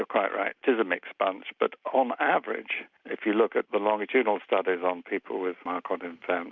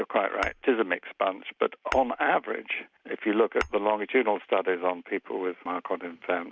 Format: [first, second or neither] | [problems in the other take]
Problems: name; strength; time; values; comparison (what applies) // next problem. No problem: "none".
first | background sound (Tap / Glass); 14 dB below the speech